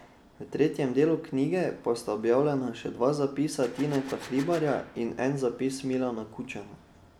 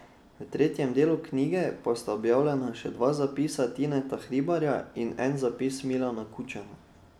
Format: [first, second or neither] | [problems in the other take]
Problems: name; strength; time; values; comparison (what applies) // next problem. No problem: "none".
second | background sound (Gunshot, gunfire); 17 dB below the speech